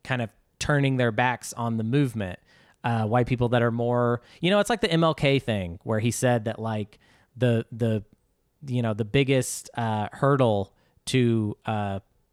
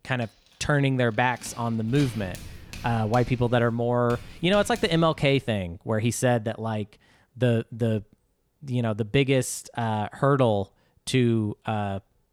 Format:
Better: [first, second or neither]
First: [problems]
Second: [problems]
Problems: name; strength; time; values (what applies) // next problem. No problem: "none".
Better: first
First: none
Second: household noises; noticeable; until 5 s; 20 dB below the speech